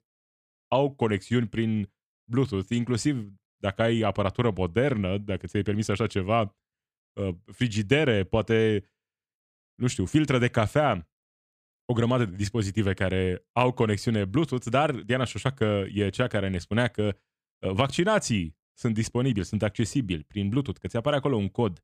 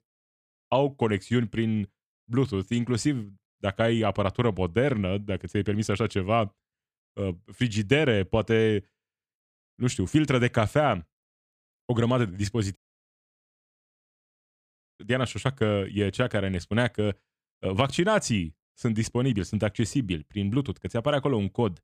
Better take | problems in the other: first | audio cutting out; at 13 s for 2 s

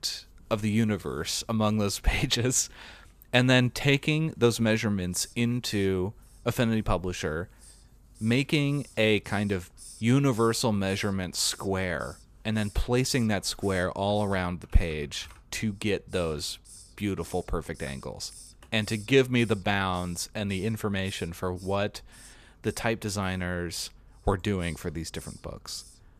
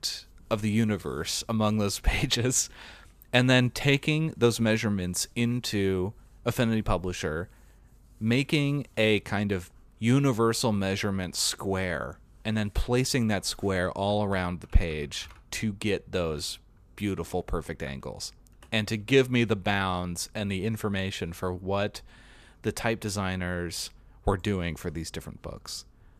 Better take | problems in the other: second | hiss; faint; from 5 s on; 25 dB below the speech

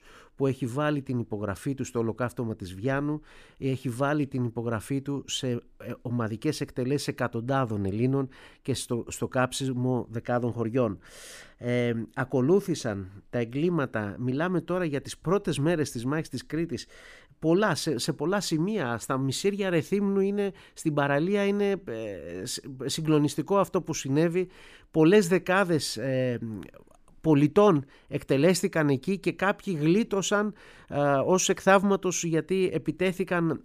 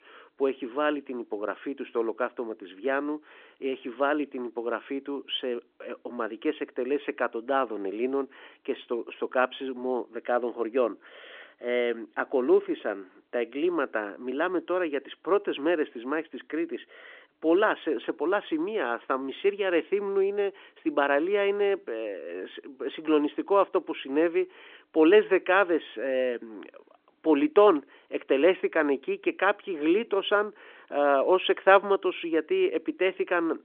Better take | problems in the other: first | phone-call audio; nothing above 3.5 kHz

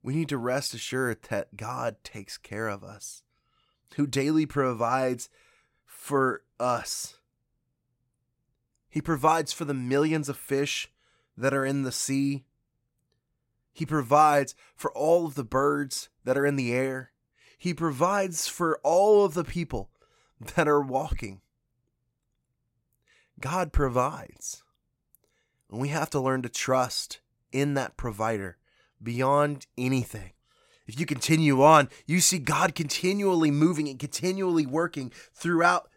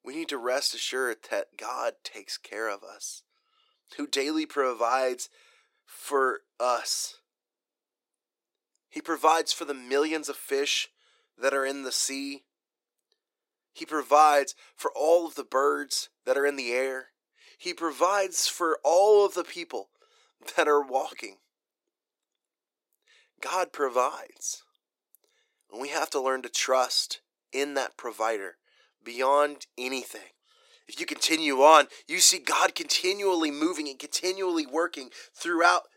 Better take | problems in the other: first | thin; somewhat; fading below 350 Hz

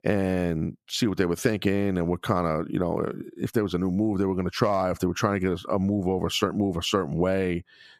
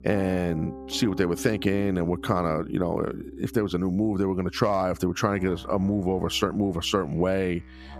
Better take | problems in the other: first | background music; noticeable; throughout; 15 dB below the speech

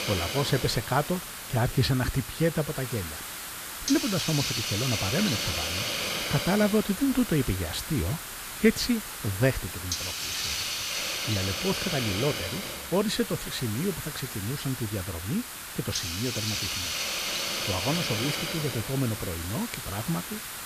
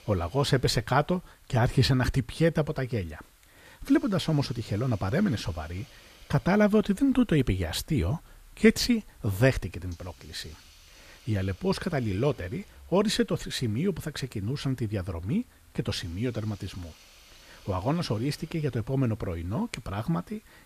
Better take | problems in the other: second | hiss; loud; throughout; 2 dB below the speech; faint in the second

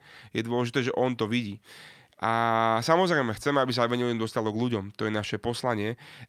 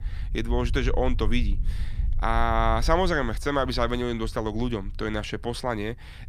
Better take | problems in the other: first | low rumble; faint; throughout; 25 dB below the speech

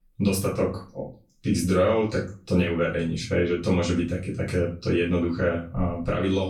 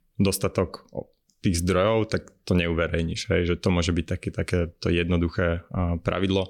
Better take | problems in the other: second | off-mic speech; far // room echo; slight; dies away in 0.3 s

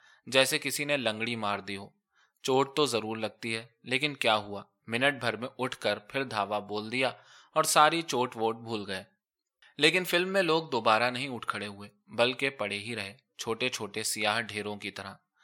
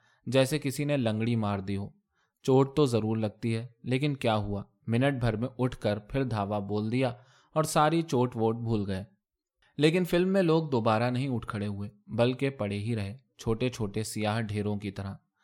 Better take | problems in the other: second | thin; somewhat; fading below 1 kHz

